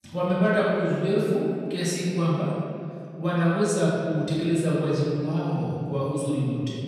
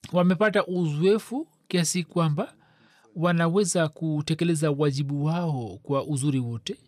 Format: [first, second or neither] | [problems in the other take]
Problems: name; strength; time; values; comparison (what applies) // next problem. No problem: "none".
second | room echo; strong; dies away in 2.4 s // off-mic speech; far